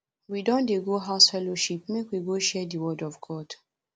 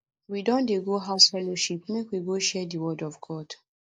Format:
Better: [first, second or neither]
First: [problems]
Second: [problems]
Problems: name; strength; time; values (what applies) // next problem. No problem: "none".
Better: first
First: none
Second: noise reduction (neural mask model Resemble Enhance denoiser)